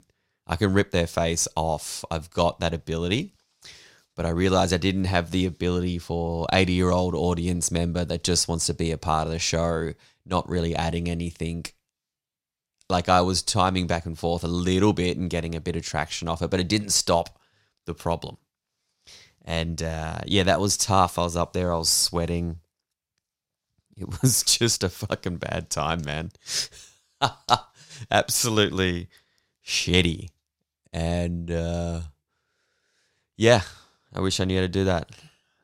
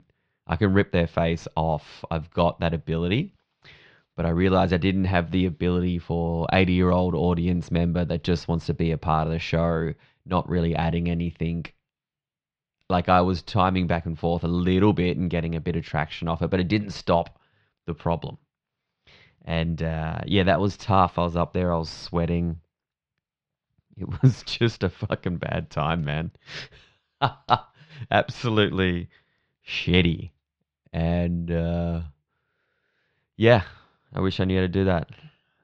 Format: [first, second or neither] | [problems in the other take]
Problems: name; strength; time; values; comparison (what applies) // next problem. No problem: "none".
first | muffled; very; fading above 3.5 kHz